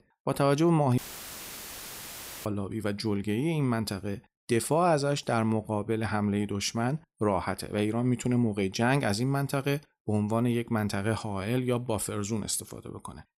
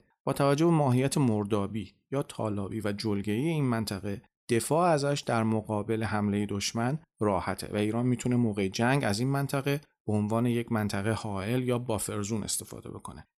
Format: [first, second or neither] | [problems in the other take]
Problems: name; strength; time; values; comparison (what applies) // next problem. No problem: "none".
second | audio cutting out; filled with static; at 1 s for 1.5 s